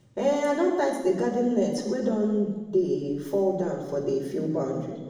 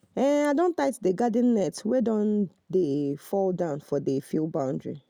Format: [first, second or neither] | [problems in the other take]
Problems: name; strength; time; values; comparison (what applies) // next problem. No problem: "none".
second | room echo; dies away in 1.2 s